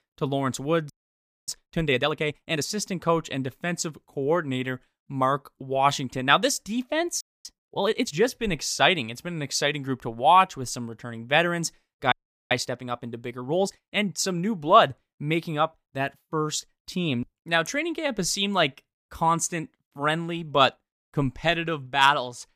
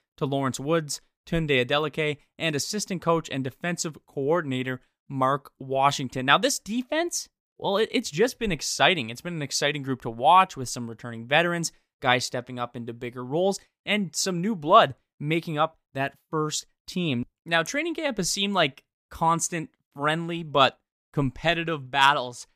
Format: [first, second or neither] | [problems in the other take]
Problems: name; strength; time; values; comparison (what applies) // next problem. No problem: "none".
second | audio freezing; at 1 s for 0.5 s, at 7 s and at 12 s